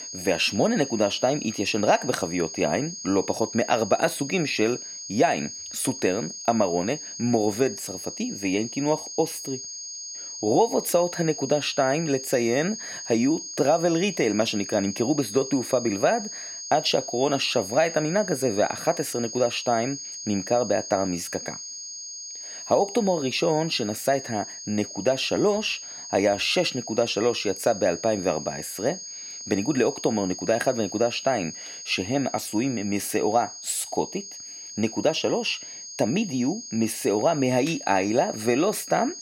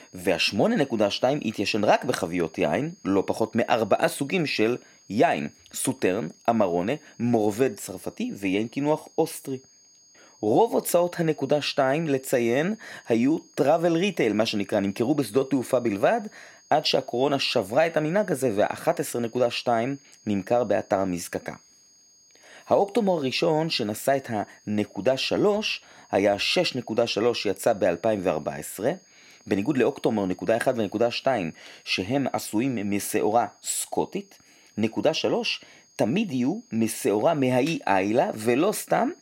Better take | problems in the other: second | high-pitched whine; loud; throughout; 6.5 kHz, 10 dB below the speech; faint in the second

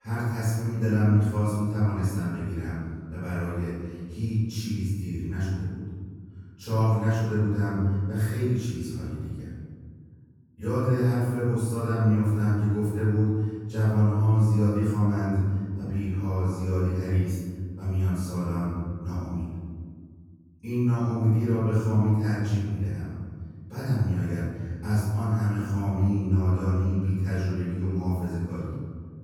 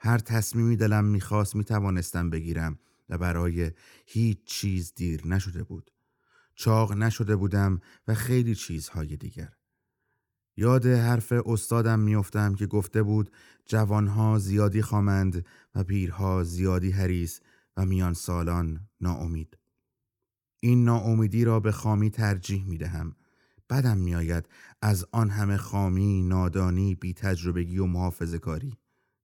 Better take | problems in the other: second | off-mic speech; far // room echo; strong; dies away in 1.9 s

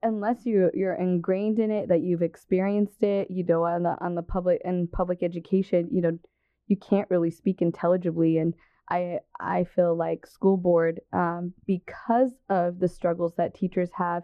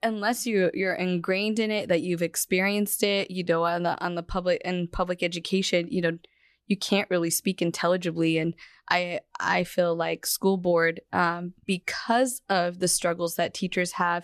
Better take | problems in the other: second | muffled; very; fading above 2 kHz

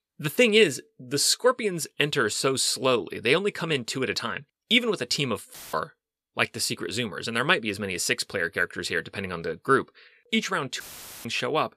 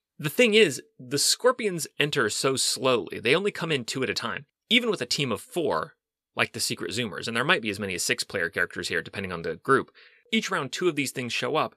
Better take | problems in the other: second | audio cutting out; filled with static; at 5.5 s and at 11 s

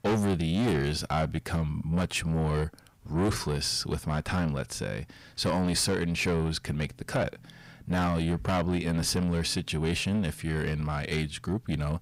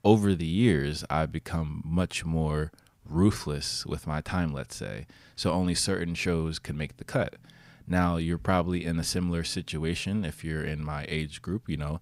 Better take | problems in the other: second | distortion; heavy; 7 dB below the speech

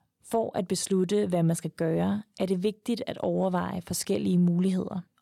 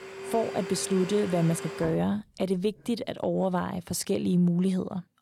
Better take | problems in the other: first | household noises; loud; until 3 s; 10 dB below the speech

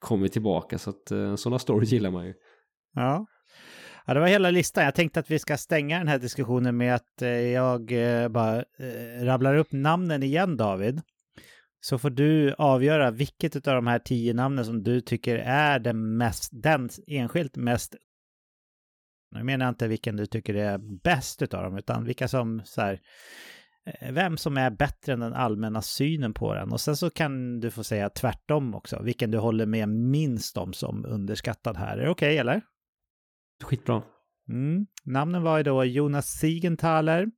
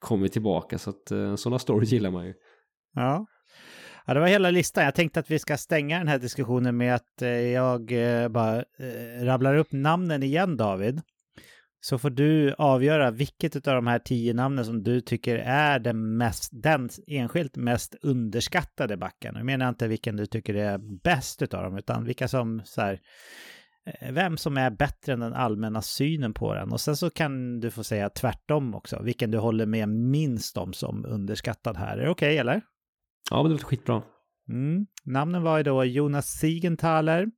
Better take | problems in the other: second | audio cutting out; at 18 s for 1.5 s and at 33 s

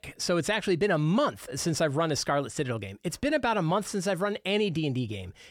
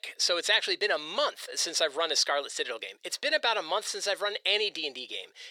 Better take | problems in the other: first | thin; very; fading below 450 Hz

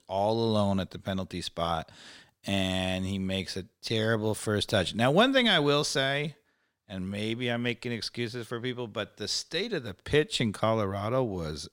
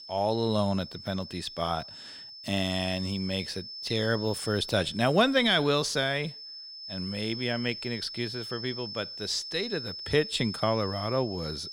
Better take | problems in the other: first | high-pitched whine; loud; throughout; 5.5 kHz, 9 dB below the speech

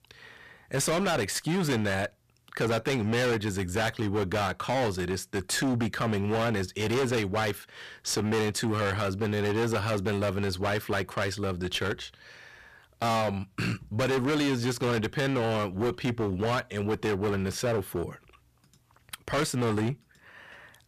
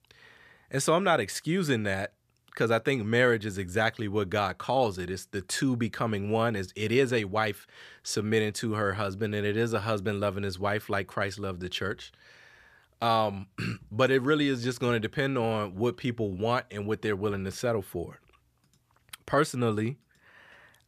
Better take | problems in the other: second | distortion; heavy; 21% of the sound clipped

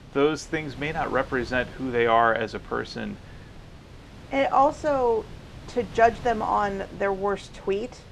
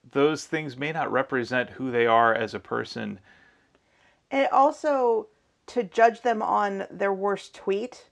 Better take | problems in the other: second | wind noise on the microphone; occasional gusts; 25 dB below the speech

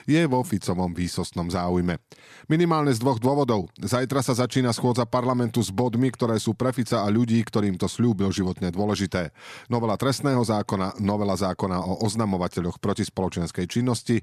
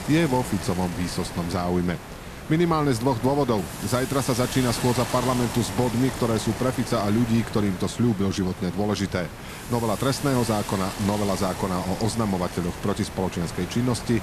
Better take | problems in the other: first | hiss; loud; throughout; 9 dB below the speech

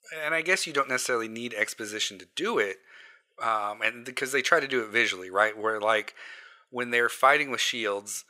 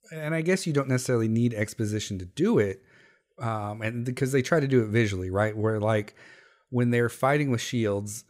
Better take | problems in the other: second | thin; very; fading below 550 Hz

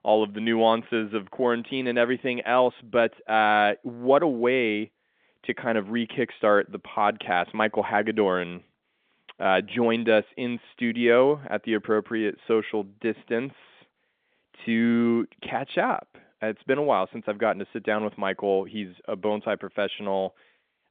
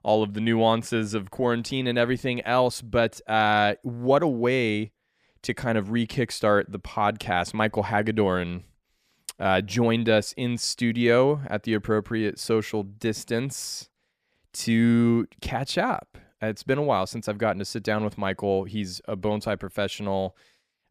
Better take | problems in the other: second | phone-call audio

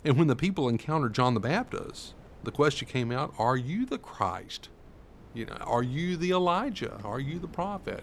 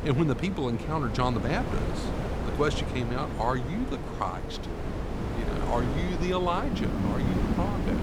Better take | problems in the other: first | wind in the background; loud; throughout; 1 dB below the speech; faint in the first

